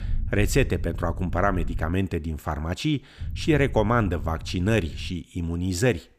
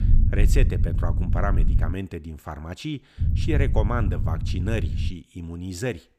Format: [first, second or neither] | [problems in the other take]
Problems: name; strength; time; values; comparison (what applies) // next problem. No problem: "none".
first | low rumble; loud; until 2 s and from 3 to 5 s; 8 dB below the speech; faint in the first